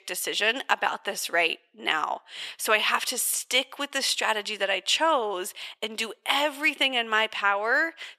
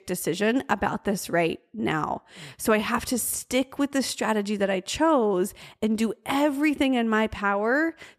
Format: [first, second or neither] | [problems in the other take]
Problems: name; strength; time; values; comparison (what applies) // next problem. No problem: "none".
second | thin; very; fading below 650 Hz